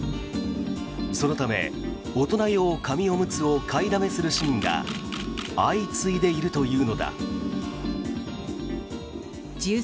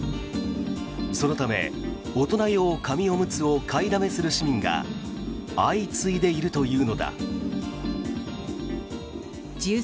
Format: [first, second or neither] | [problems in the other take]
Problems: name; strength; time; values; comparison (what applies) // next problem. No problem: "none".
second | background sound (Camera + Harmonica); 14 dB below the speech